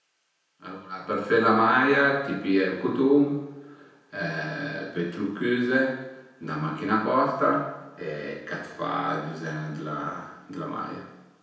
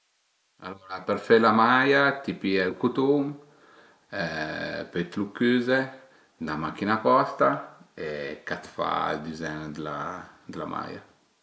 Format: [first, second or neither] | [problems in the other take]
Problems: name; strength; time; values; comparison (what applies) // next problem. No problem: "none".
second | room echo; dies away in 0.9 s